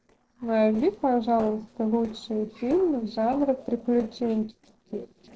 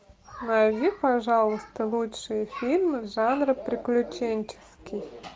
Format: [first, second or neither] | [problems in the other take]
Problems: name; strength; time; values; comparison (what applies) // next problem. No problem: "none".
second | noise reduction (neural separator model SepFormer DNS4)